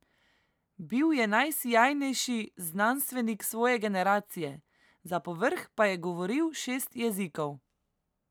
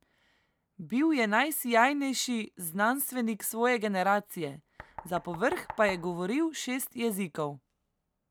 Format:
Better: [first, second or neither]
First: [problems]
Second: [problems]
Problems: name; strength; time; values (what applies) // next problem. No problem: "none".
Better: first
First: none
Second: background sound (Knock); 17 dB below the speech